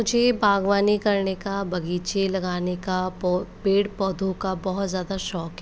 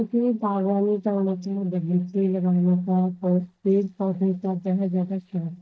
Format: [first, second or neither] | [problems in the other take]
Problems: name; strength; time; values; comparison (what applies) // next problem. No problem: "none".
first | noise reduction (neural mask model DeepFilterNet 3)